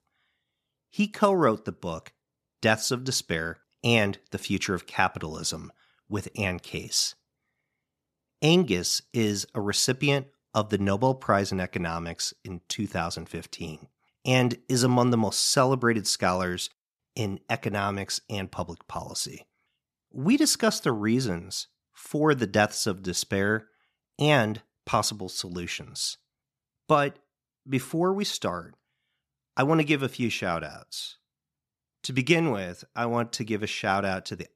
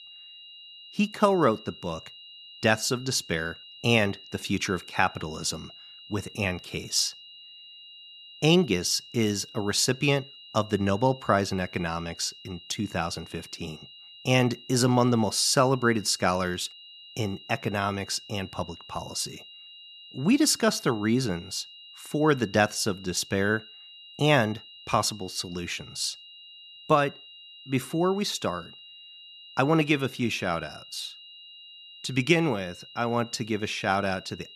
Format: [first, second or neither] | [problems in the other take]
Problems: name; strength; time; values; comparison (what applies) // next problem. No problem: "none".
first | high-pitched whine; noticeable; throughout; 3 kHz, 20 dB below the speech